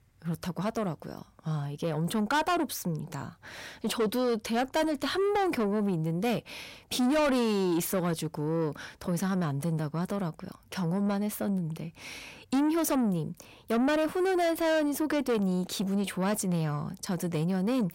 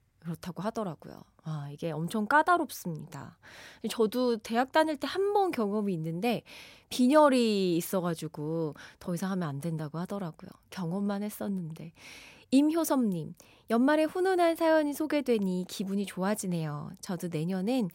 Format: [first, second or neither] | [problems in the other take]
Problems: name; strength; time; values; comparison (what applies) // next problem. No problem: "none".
second | distortion; heavy; 7 dB below the speech